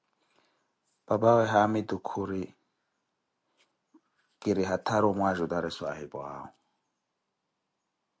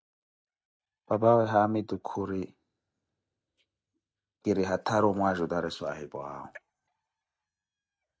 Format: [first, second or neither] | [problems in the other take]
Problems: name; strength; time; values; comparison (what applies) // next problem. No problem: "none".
first | noise reduction (neural mask model DeepFilterNet 3)